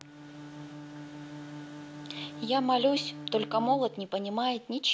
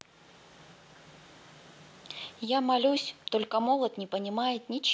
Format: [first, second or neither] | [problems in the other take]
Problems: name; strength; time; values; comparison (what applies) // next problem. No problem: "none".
second | background sound (Bowed string instrument); 13 dB below the speech